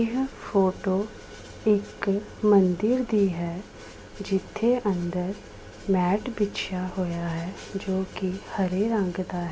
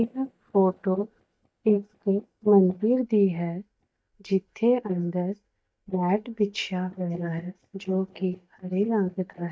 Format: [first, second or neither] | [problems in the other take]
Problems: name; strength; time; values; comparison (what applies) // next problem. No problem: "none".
first | noise reduction (neural mask model DeepFilterNet 3)